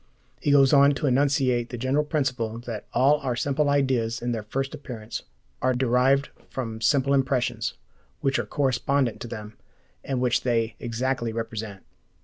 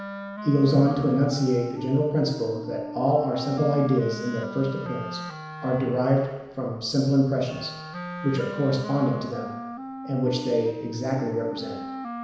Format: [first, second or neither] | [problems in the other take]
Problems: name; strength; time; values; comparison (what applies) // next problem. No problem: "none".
first | background sound (Wind instrument, woodwind instrument); 11 dB below the speech // room echo; dies away in 1 s